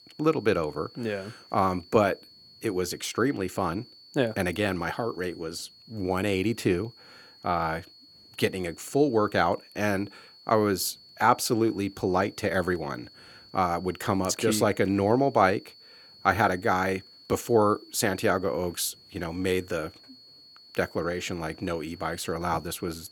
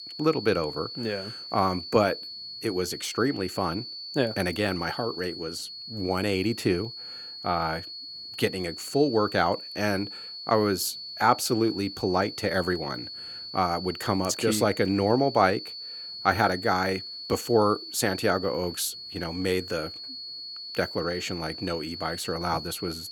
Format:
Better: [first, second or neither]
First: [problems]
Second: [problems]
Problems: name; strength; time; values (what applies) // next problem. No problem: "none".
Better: first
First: high-pitched whine; faint; throughout; 4.5 kHz, 25 dB below the speech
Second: high-pitched whine; loud; throughout; 4.5 kHz, 9 dB below the speech